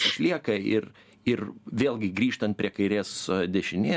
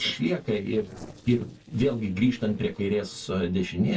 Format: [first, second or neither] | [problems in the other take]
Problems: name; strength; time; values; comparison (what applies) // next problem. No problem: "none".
first | noise reduction (neural separator model SepFormer DNS4)